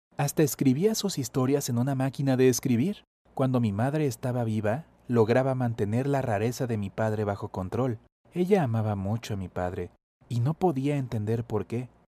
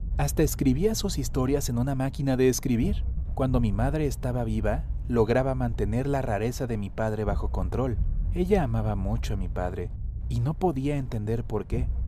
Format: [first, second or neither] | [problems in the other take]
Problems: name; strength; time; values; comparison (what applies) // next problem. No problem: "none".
first | low rumble; faint; throughout; 20 dB below the speech